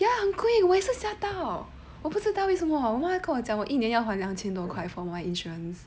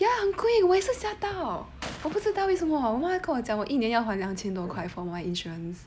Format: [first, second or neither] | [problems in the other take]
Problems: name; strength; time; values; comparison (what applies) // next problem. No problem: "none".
first | background sound (Gunshot, gunfire); 20 dB below the speech